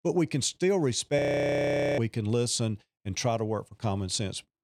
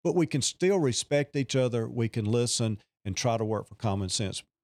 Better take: second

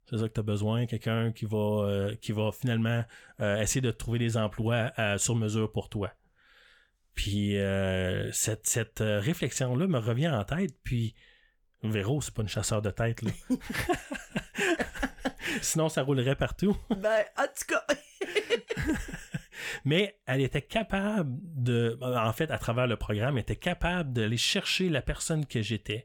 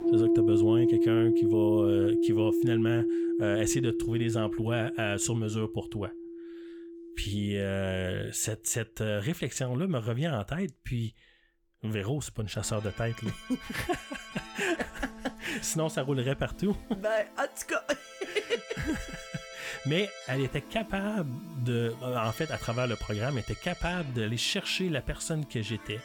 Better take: first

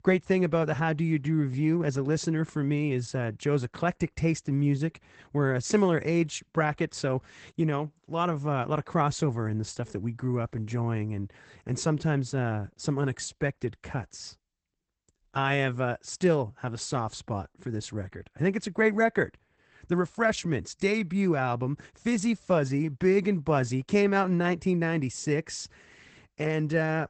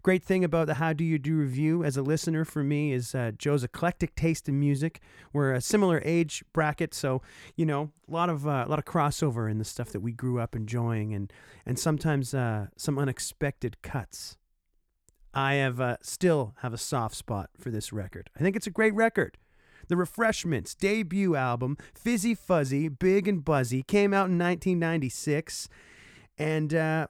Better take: second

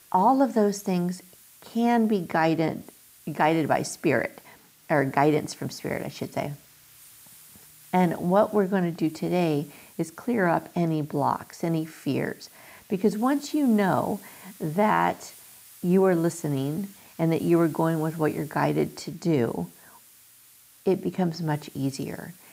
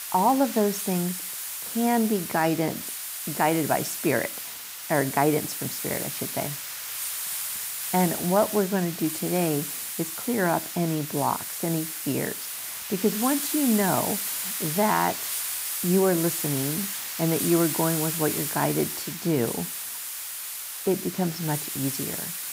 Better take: first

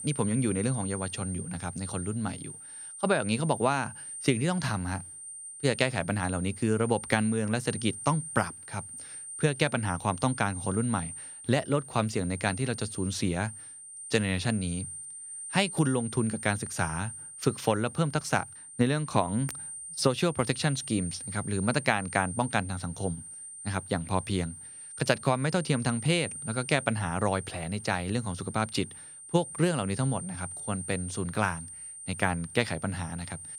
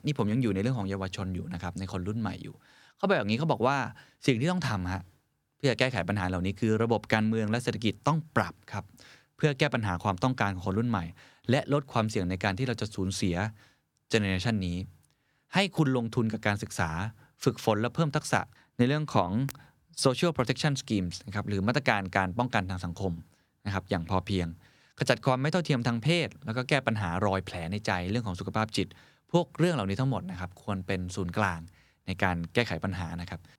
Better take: second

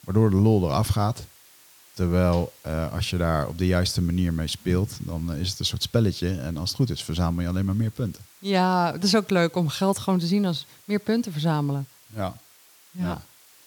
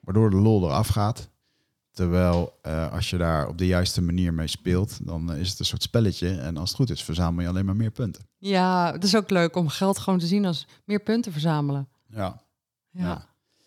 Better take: second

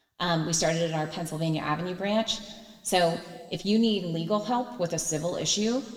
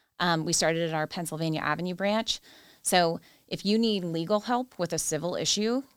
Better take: second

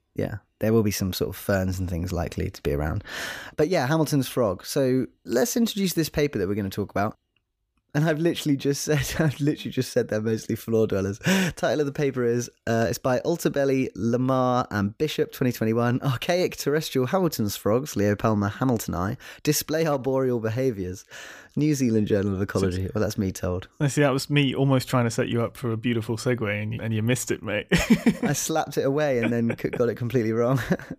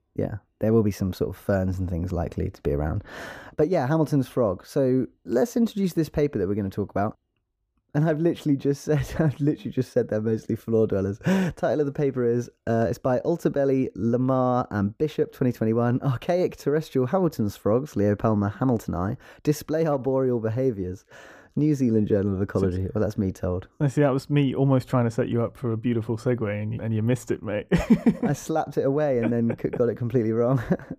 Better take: first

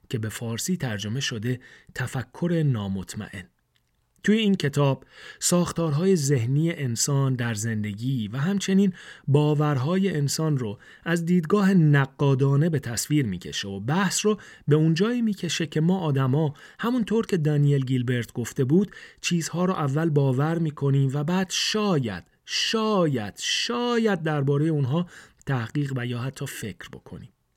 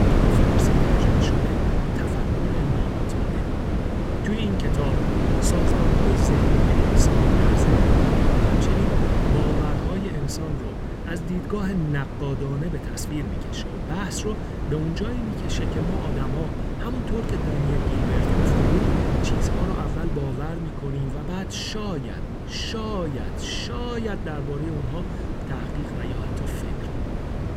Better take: first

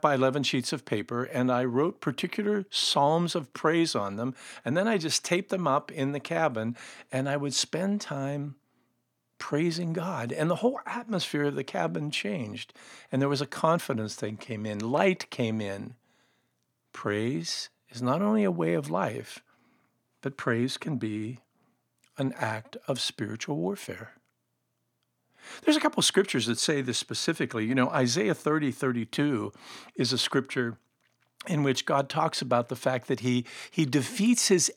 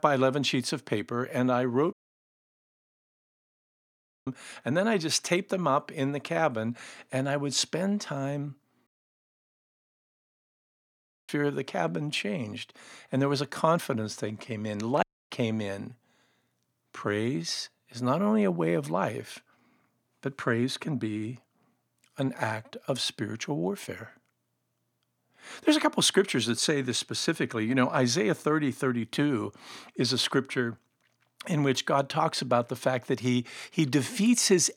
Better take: first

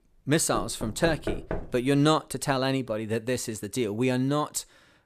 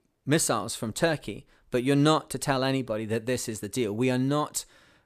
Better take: second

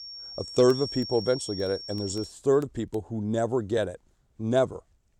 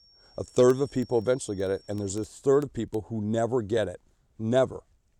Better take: second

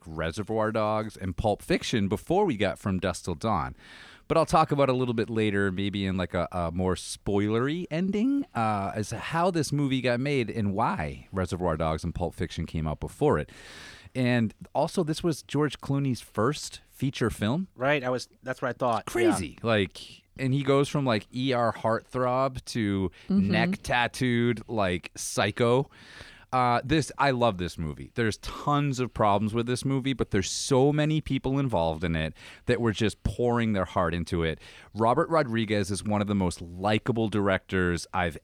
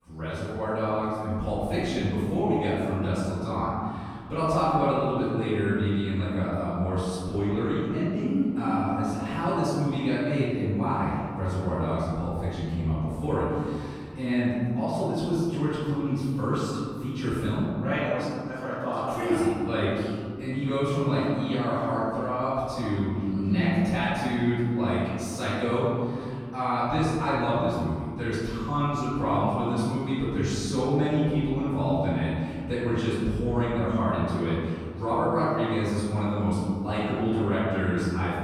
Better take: first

